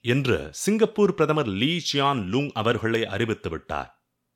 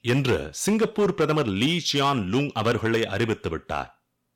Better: first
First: none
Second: distortion; slight; 7% of the sound clipped

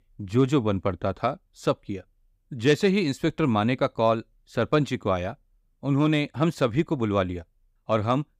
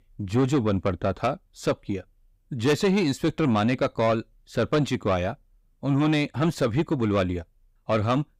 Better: first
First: none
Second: distortion; slight; 10 dB below the speech

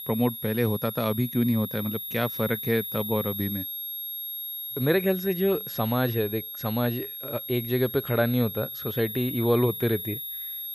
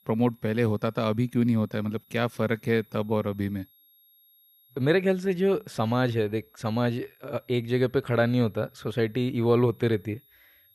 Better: second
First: high-pitched whine; loud; throughout; 11.5 kHz, 6 dB below the speech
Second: high-pitched whine; faint; throughout; 11.5 kHz, 30 dB below the speech

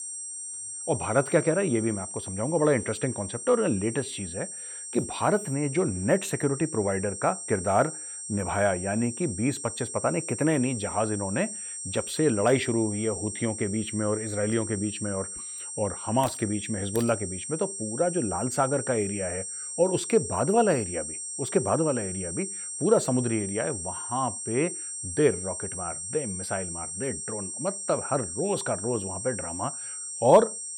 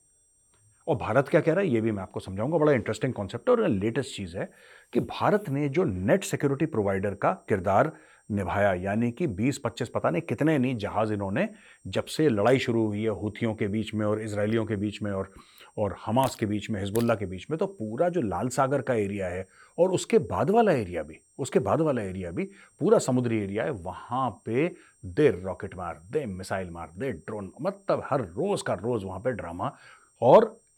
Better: second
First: high-pitched whine; loud; throughout; 8.5 kHz, 6 dB below the speech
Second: high-pitched whine; faint; throughout; 8.5 kHz, 35 dB below the speech

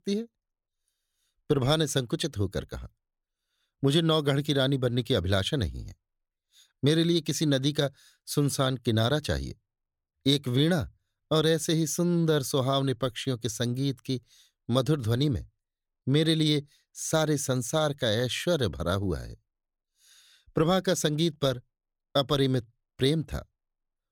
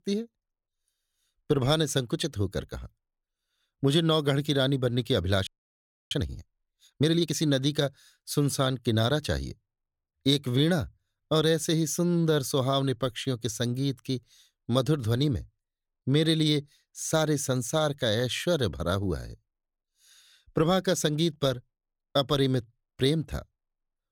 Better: first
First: none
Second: audio freezing; at 5.5 s for 0.5 s

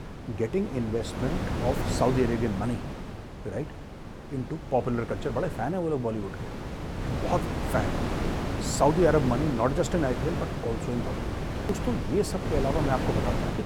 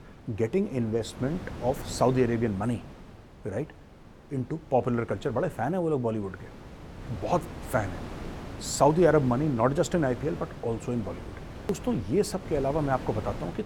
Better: second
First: wind noise on the microphone; heavy; 6 dB below the speech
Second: wind noise on the microphone; occasional gusts; 15 dB below the speech

